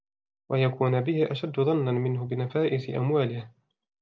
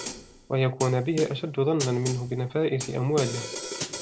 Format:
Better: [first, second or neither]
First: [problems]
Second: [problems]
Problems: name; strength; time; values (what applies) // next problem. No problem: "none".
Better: first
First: none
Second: background sound (Snare drum); 10 dB below the speech